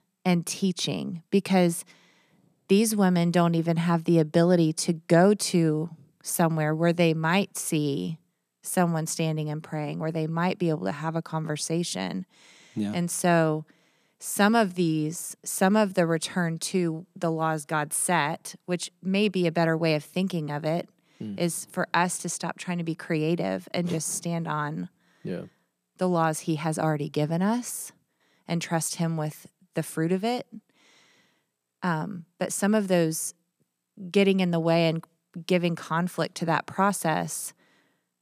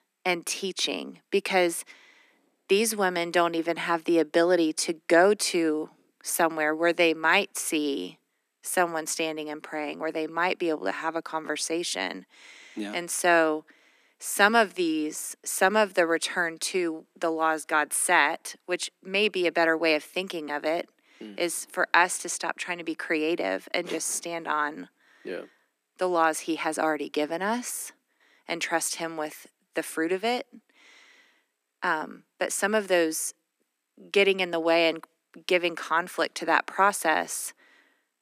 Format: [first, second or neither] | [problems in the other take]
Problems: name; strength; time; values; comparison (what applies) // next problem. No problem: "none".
first | thin; very; fading below 250 Hz